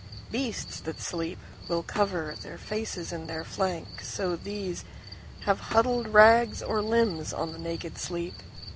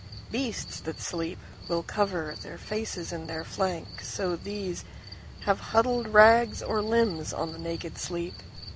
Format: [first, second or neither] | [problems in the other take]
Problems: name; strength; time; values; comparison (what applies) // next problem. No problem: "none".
second | background sound (Thump, thud); 17 dB below the speech